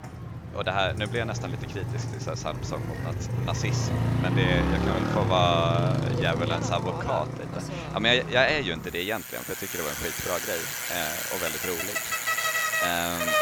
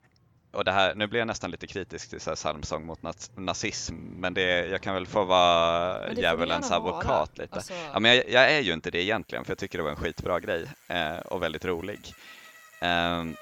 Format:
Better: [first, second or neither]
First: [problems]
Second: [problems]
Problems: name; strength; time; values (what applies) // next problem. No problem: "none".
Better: second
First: traffic noise; loud; throughout; as loud as the speech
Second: traffic noise; faint; throughout; 30 dB below the speech